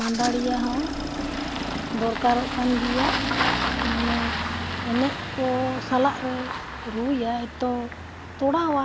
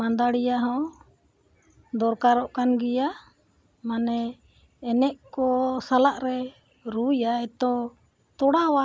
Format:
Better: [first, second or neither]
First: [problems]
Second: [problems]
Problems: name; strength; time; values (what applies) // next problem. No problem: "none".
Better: second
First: background sound (Engine starting); 2 dB below the speech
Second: none